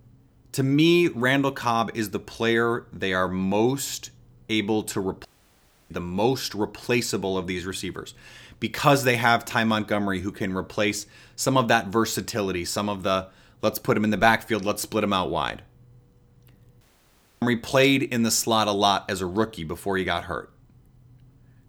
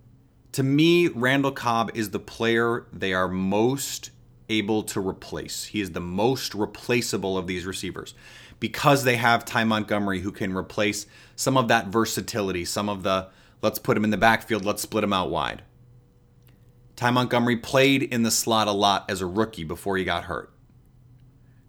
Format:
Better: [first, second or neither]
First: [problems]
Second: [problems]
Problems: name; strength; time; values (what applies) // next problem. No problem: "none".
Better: second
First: audio cutting out; at 5.5 s for 0.5 s and at 17 s for 0.5 s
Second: none